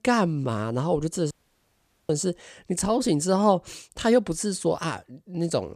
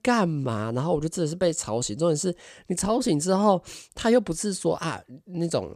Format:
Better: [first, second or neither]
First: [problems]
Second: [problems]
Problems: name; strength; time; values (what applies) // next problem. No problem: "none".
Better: second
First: audio cutting out; at 1.5 s for 1 s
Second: none